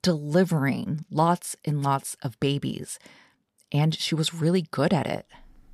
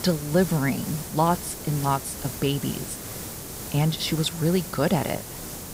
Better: first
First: none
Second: hiss; loud; throughout; 9 dB below the speech

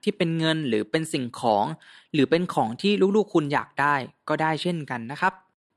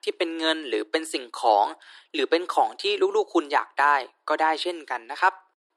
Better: first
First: none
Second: thin; very; fading below 350 Hz

